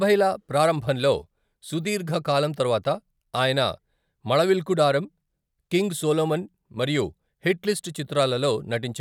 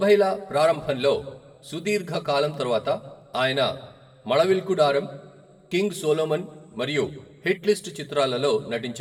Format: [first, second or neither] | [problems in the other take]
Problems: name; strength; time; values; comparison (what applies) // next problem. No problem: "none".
first | room echo; dies away in 0.9 s